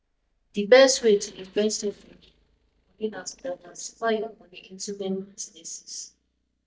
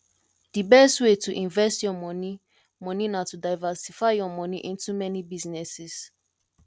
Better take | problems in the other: second | noise reduction (neural mask model DeepFilterNet 3)

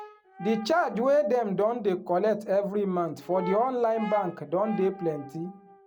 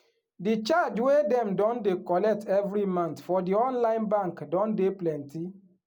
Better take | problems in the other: second | background sound (Brass instrument); 15 dB below the speech

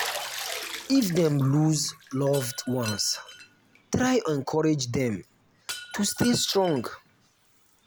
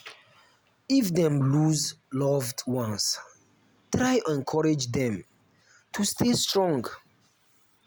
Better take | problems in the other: second | background sound (Shatter + Bathtub (filling or washing)); 13 dB below the speech

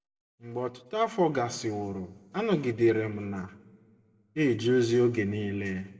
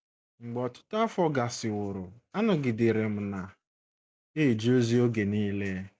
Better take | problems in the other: second | room echo; dies away in 0.8 s

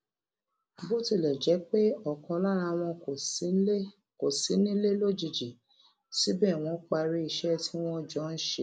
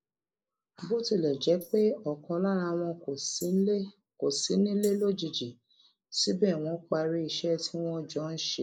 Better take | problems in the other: first | noise reduction (neural mask model Resemble Enhance denoiser)

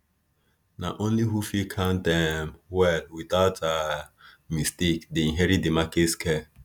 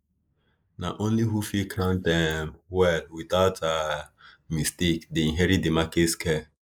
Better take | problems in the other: first | noise reduction (neural mask model Resemble Enhance denoiser)

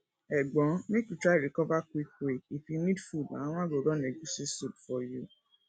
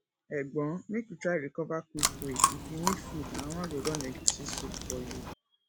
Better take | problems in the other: first | background sound (Chewing, mastication); 3 dB above the speech

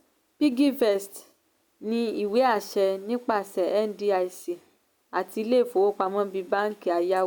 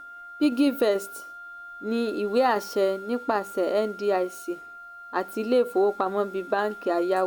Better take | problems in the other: first | background sound (Wind instrument, woodwind instrument); 16 dB below the speech

